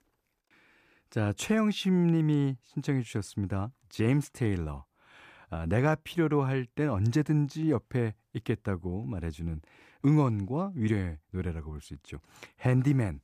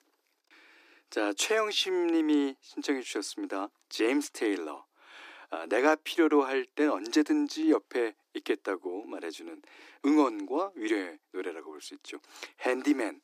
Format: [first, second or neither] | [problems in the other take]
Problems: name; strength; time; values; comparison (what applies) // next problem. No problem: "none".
first | thin; somewhat; fading below 300 Hz